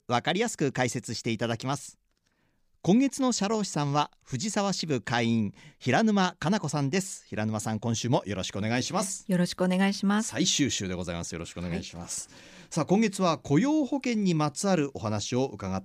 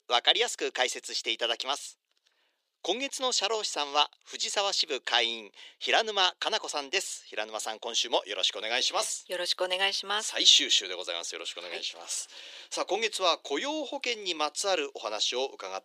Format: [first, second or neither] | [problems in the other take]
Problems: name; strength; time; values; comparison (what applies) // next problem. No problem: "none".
first | thin; very; fading below 400 Hz